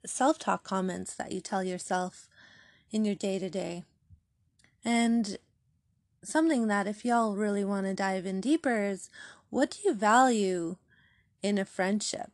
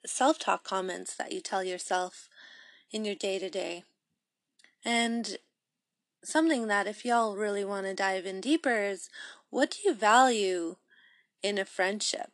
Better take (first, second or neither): first